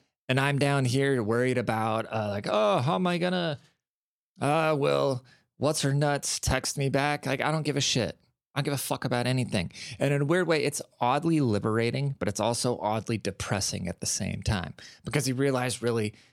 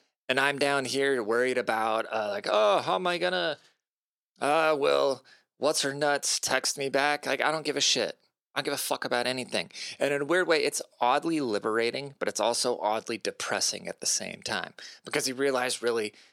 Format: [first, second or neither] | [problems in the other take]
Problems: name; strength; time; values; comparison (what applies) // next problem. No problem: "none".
first | thin; somewhat; fading below 400 Hz